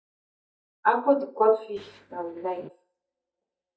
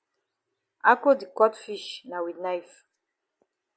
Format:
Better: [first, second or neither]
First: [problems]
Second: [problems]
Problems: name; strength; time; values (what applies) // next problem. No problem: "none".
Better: second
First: noise reduction (neural mask model DeepFilterNet 3)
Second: none